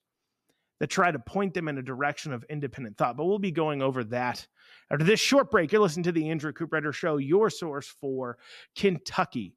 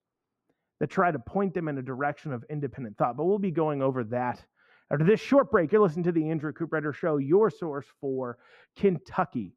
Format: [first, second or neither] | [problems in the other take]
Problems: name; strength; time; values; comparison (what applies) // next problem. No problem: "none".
first | muffled; very; fading above 2.5 kHz